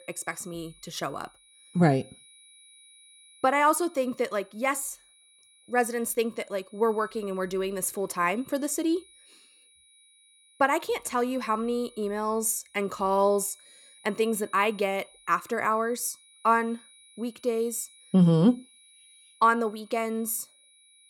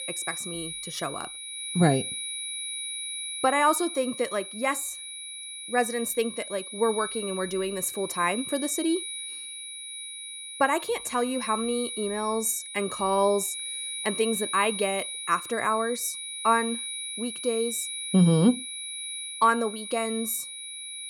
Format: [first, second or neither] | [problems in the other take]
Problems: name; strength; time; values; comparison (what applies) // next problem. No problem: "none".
first | high-pitched whine; loud; throughout; 10.5 kHz, 7 dB below the speech; faint in the first